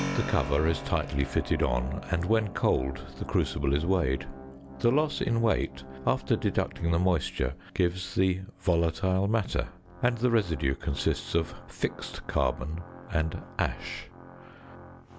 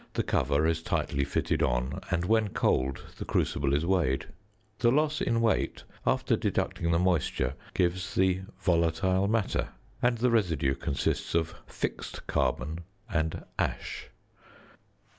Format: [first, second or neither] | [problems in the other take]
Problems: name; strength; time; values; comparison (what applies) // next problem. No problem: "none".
second | background sound (Organ + Keyboard (musical)); 14 dB below the speech